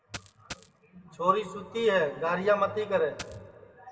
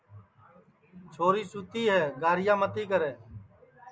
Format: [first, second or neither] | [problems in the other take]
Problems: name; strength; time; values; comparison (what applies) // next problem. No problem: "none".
second | background sound (Coin (dropping)); 15 dB below the speech // room echo; dies away in 1.4 s